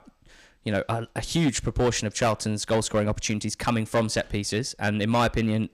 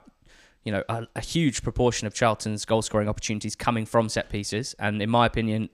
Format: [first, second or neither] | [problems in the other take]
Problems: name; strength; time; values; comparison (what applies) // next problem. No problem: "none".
second | distortion; slight; 5% of the sound clipped